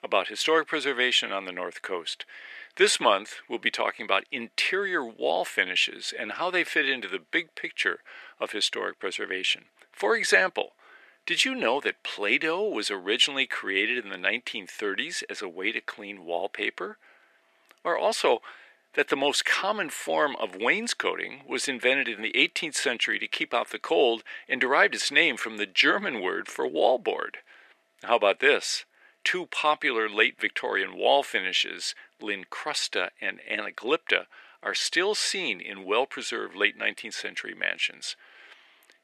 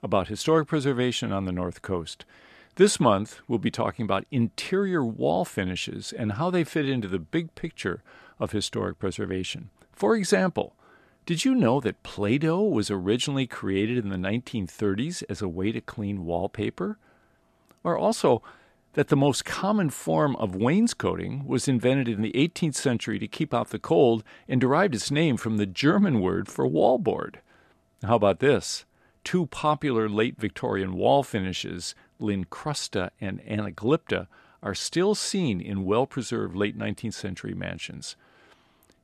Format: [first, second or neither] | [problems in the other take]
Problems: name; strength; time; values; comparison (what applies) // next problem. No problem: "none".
second | thin; very; fading below 400 Hz